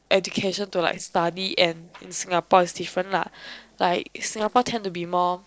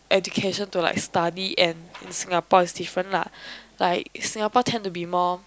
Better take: second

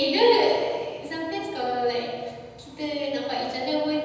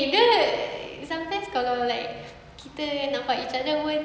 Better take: second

